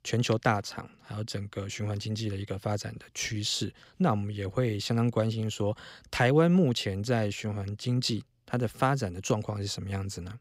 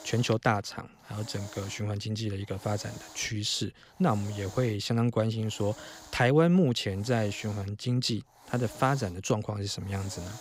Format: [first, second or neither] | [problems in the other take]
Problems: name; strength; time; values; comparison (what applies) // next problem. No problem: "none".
first | hiss; noticeable; throughout; 20 dB below the speech